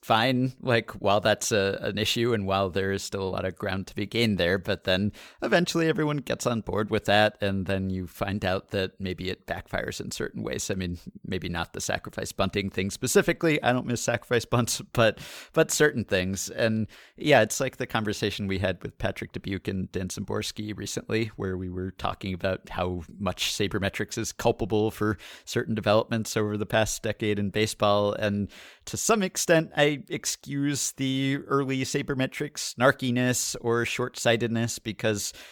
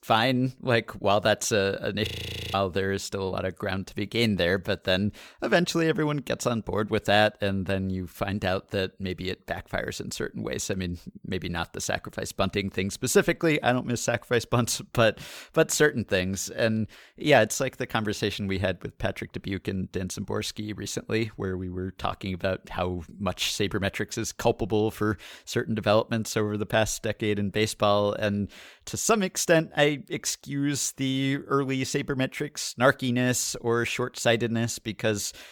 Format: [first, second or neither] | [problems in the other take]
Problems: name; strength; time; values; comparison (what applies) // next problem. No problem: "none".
first | audio freezing; at 2 s